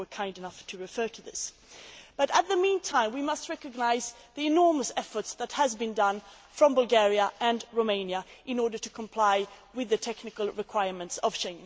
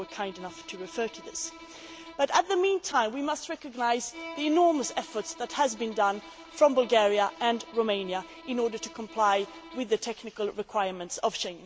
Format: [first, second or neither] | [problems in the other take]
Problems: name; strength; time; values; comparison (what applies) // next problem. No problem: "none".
first | background sound (Bowed string instrument); 20 dB below the speech